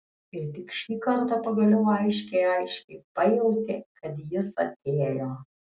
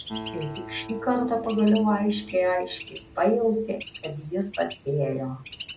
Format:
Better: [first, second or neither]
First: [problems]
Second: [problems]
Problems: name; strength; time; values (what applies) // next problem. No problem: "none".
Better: first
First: none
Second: background sound (Bird + Acoustic guitar); 15 dB below the speech